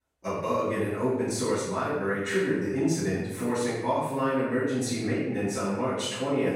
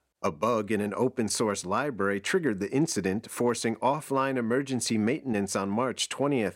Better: second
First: room echo; strong; dies away in 0.9 s // off-mic speech; far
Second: none

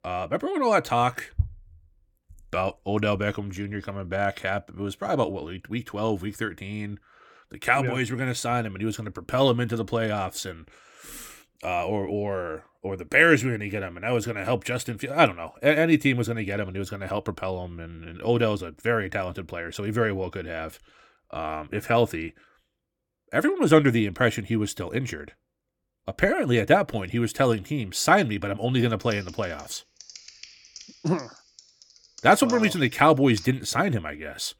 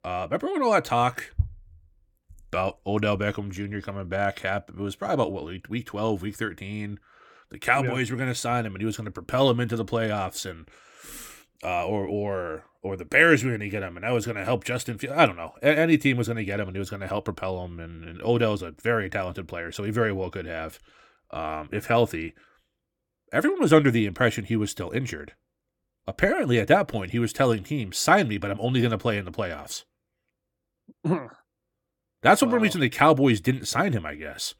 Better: second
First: keyboard typing; faint; from 29 to 33 s; peak 15 dB below the speech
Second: none

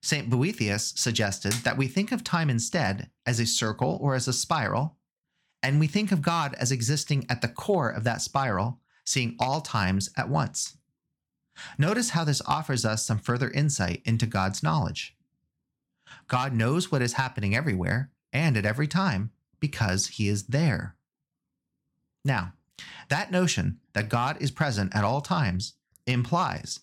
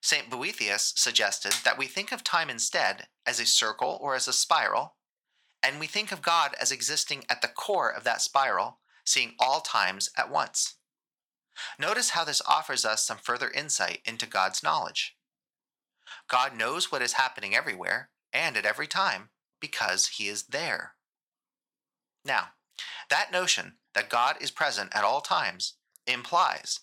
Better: first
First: none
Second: thin; very; fading below 750 Hz

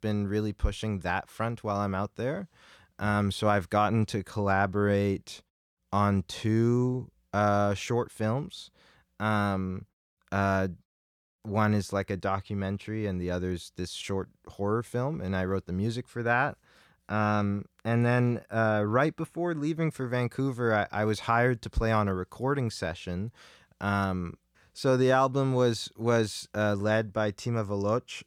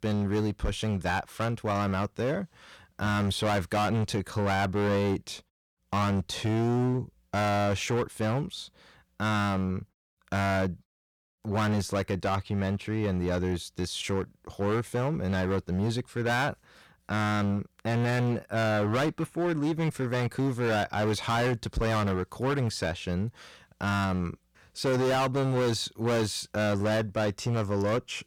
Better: first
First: none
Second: distortion; heavy; 18% of the sound clipped

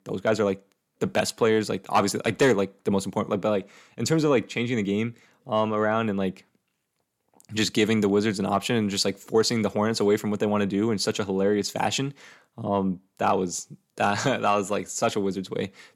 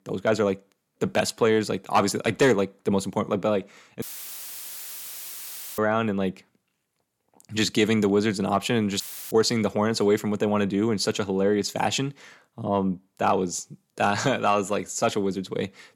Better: first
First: none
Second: audio cutting out; filled with static; at 4 s for 2 s and at 9 s

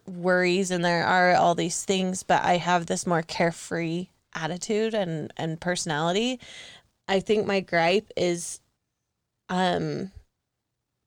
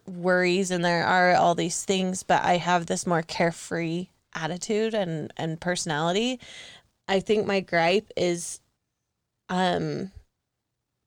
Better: neither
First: none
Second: none

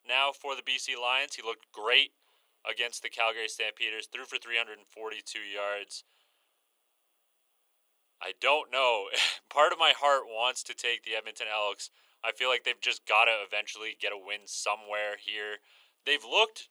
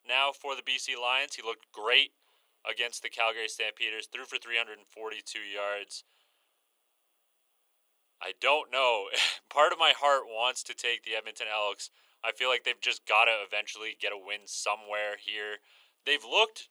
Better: neither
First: thin; very; fading below 400 Hz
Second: thin; very; fading below 400 Hz

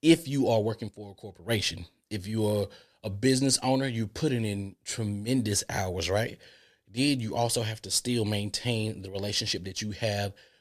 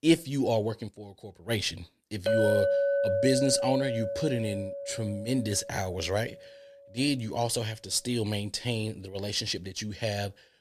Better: first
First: none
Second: clattering dishes; loud; from 2.5 to 5.5 s; peak 5 dB above the speech

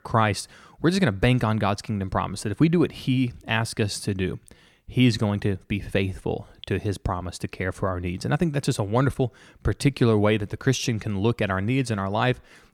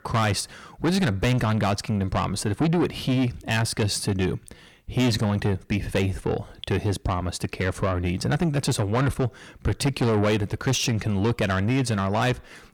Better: first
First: none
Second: distortion; heavy; 7 dB below the speech

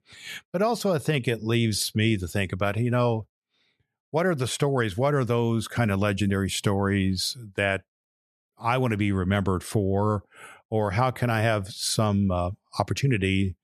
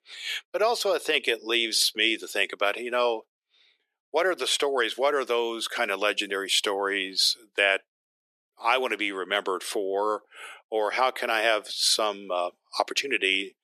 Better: first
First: none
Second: thin; very; fading below 350 Hz

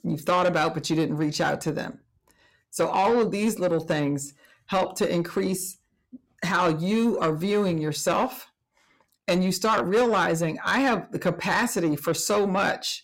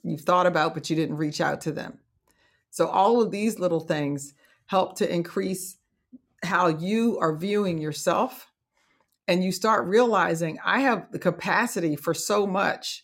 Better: second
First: distortion; slight; 10 dB below the speech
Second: none

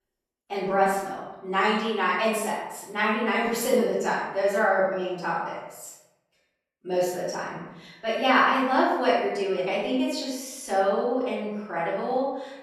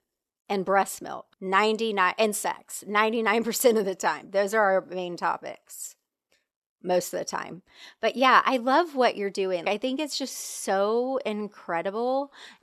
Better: second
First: off-mic speech; far // room echo; noticeable; dies away in 0.8 s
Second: none

